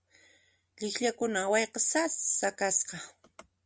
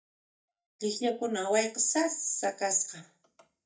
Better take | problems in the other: first | noise reduction (neural mask model DeepFilterNet 3)

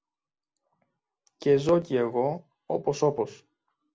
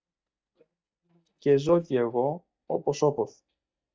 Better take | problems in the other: first | noise reduction (neural mask model DeepFilterNet 3)

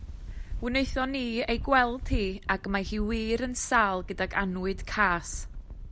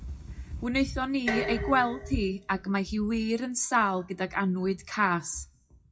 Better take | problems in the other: first | noise reduction (classical method WPE with log-MMSE)

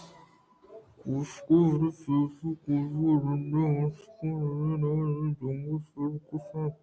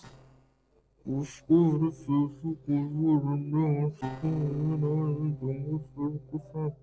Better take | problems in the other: first | noise reduction (neural separator model SepFormer DNS4)

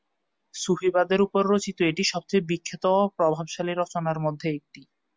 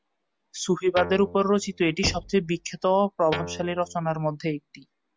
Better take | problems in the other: first | background sound (Knock + Guitar); 12 dB below the speech

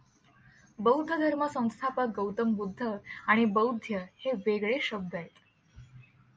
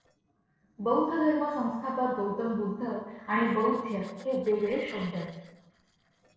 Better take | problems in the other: first | noise reduction (neural separator model SepFormer DNS4)

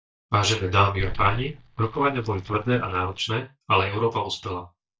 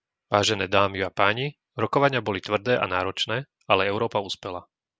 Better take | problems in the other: second | noise reduction (neural mask model DeepFilterNet 3)

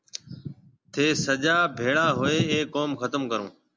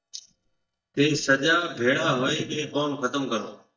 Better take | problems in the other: first | noise reduction (neural mask model DeepFilterNet 3)

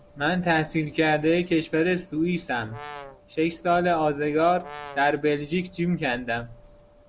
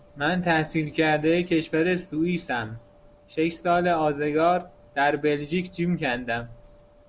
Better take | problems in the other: second | background sound (Brass instrument); 16 dB below the speech

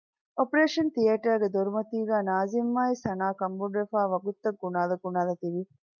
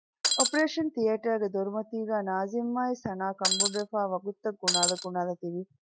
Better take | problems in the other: first | background sound (Shatter); 4 dB above the speech

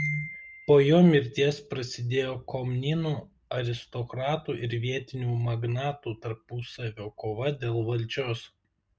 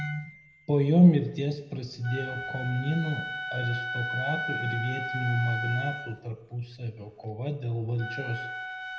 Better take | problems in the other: first | background sound (Wind instrument, woodwind instrument); 8 dB below the speech // room echo; dies away in 0.8 s

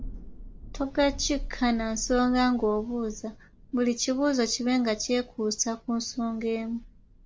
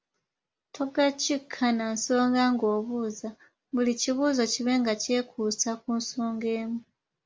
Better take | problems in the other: second | background sound (Thunder); 14 dB below the speech

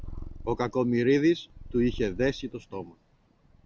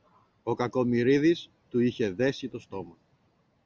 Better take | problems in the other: second | background sound (Purr); 13 dB below the speech

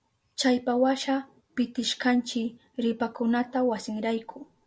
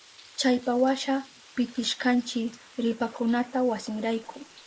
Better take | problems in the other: first | noise reduction (neural mask model Resemble Enhance denoiser)

